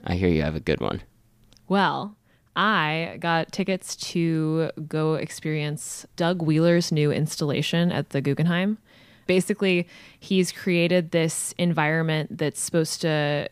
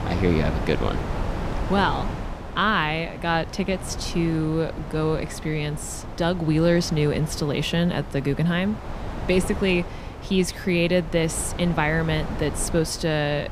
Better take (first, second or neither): first